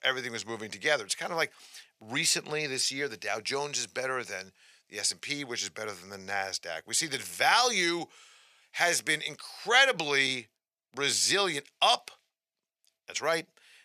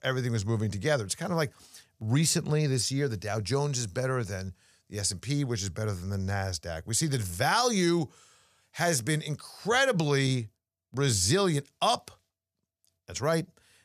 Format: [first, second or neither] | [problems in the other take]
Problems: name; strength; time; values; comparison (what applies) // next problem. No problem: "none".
second | thin; very; fading below 350 Hz